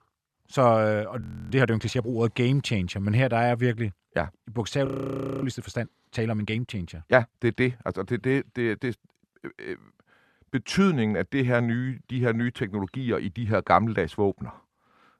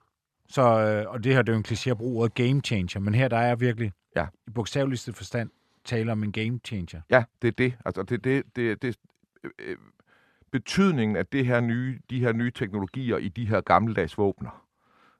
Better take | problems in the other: second | audio freezing; at 1 s and at 5 s for 0.5 s

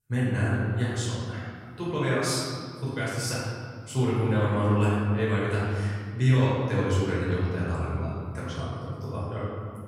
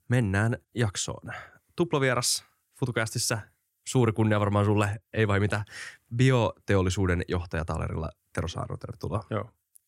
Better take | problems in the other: second | room echo; strong; dies away in 1.9 s // off-mic speech; far

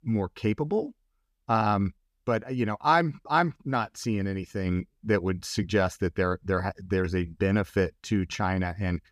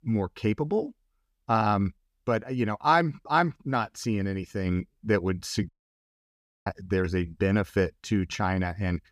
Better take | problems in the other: first | audio cutting out; at 5.5 s for 1 s

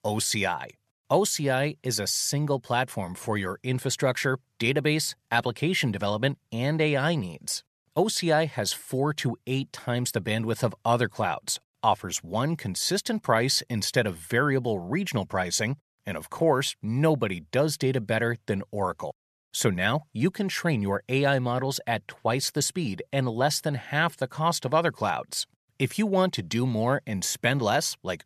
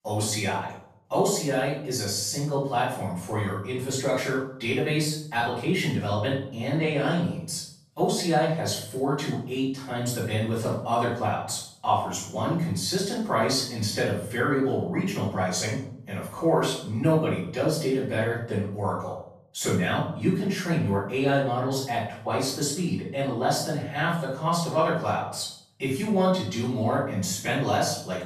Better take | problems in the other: first | off-mic speech; far // room echo; noticeable; dies away in 0.6 s

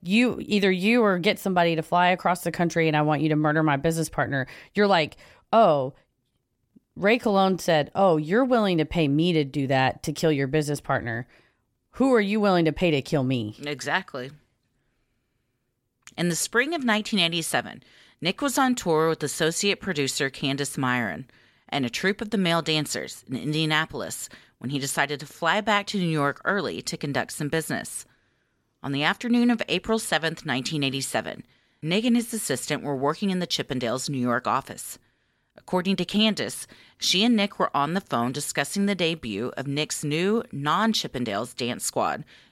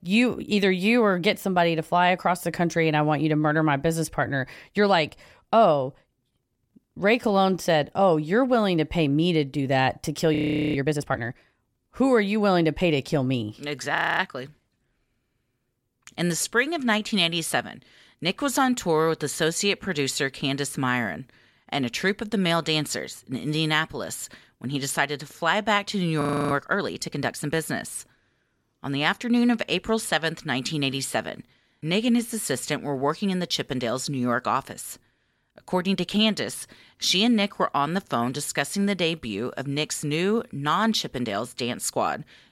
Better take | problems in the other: first | audio freezing; at 10 s, at 14 s and at 26 s

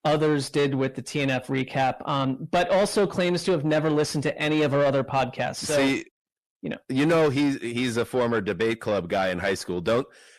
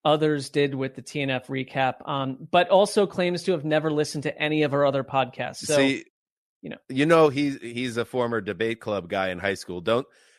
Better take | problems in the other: second | distortion; heavy; 8 dB below the speech

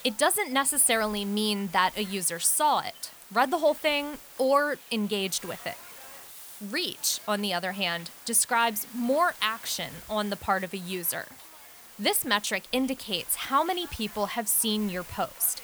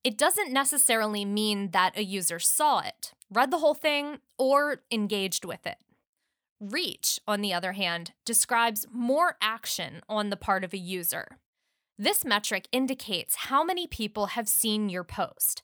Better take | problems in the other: second | hiss; noticeable; throughout; 20 dB below the speech

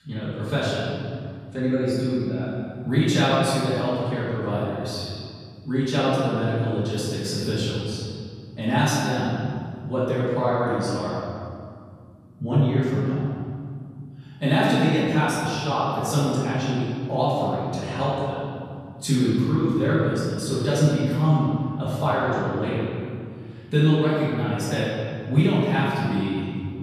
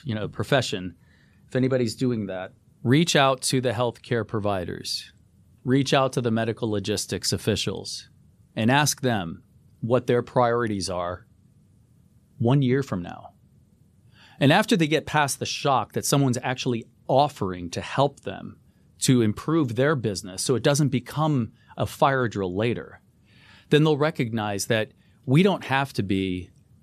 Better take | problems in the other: second | off-mic speech; far // room echo; strong; dies away in 2.3 s

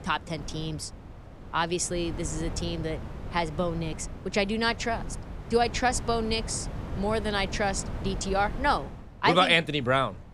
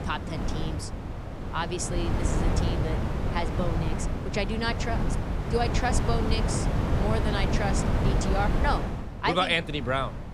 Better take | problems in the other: first | wind noise on the microphone; heavy; 4 dB below the speech; occasional gusts in the first

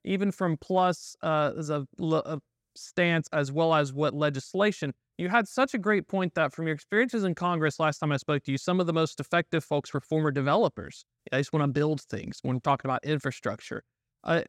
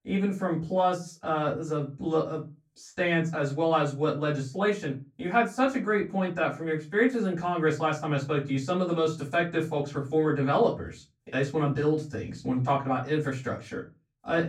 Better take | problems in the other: first | off-mic speech; far // room echo; very slight; dies away in 0.2 s

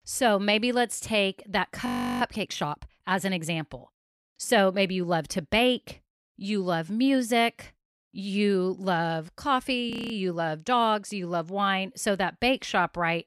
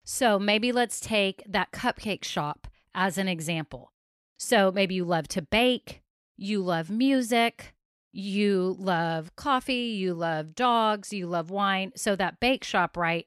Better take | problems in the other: second | audio freezing; at 2 s and at 10 s

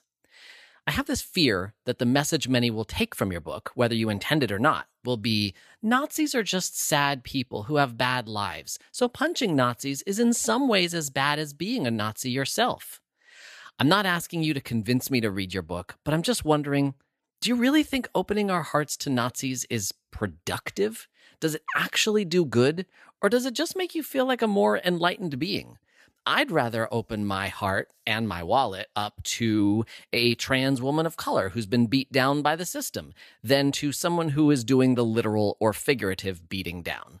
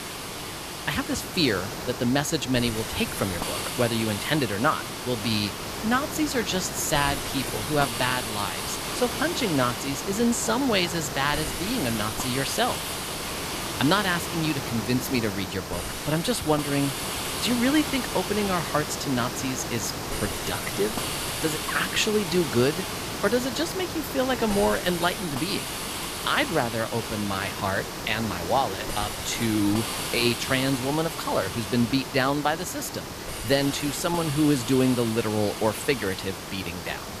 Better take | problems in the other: first | hiss; loud; throughout; 4 dB below the speech

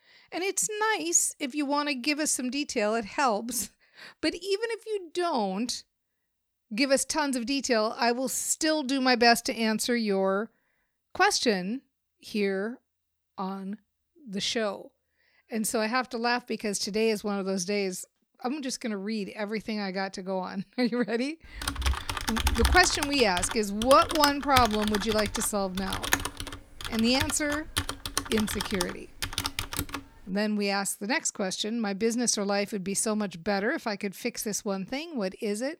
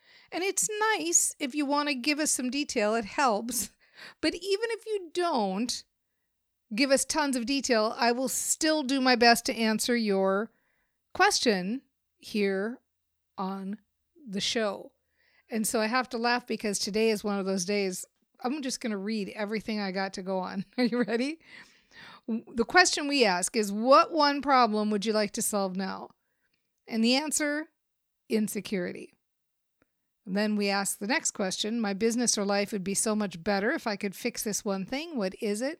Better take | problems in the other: second | keyboard typing; loud; from 22 to 30 s; peak 1 dB above the speech

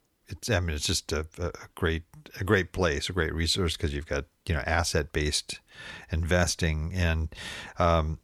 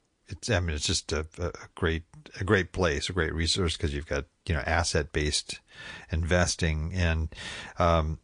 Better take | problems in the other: first | garbled, watery; slightly

